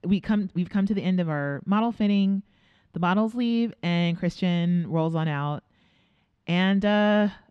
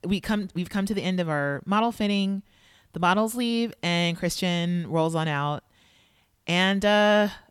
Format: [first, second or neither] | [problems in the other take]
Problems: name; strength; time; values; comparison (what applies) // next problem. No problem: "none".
second | muffled; very slightly; fading above 3.5 kHz